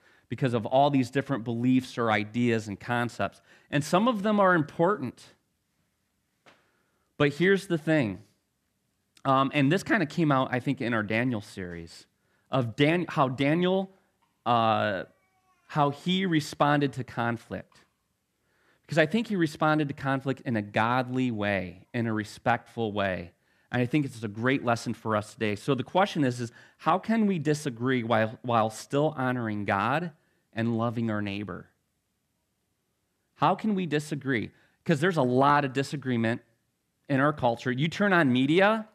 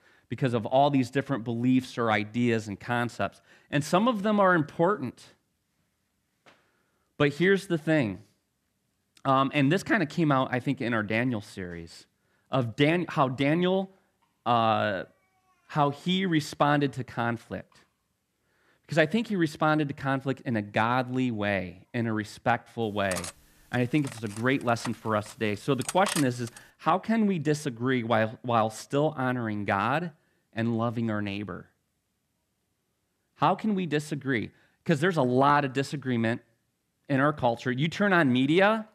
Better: first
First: none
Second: clattering dishes; noticeable; from 23 to 27 s; peak 4 dB below the speech

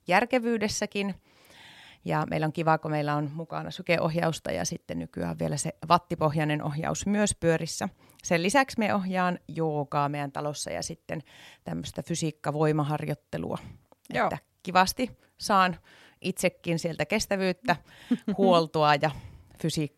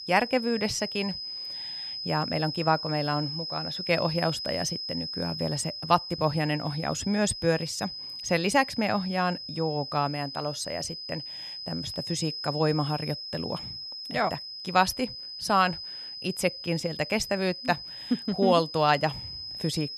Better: first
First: none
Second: high-pitched whine; loud; throughout; 5 kHz, 7 dB below the speech

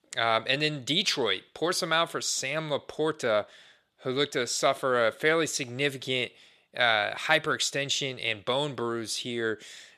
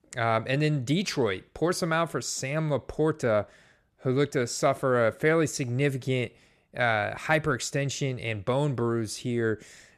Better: second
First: thin; somewhat; fading below 1 kHz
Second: none

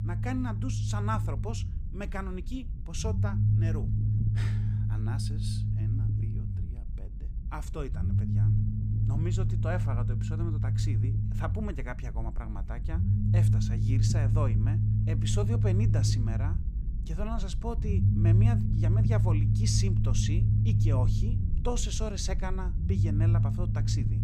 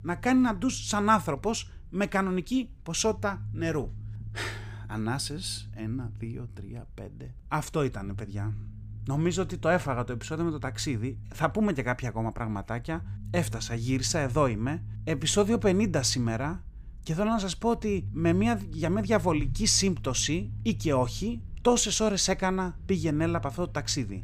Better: second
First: low rumble; loud; throughout; 2 dB below the speech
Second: low rumble; faint; throughout; 25 dB below the speech

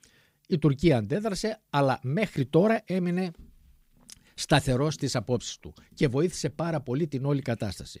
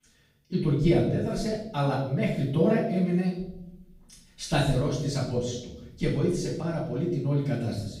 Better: first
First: none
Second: off-mic speech; far // room echo; noticeable; dies away in 0.7 s

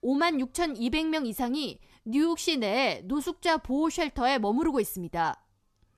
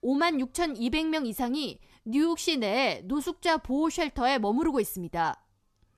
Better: neither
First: none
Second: none

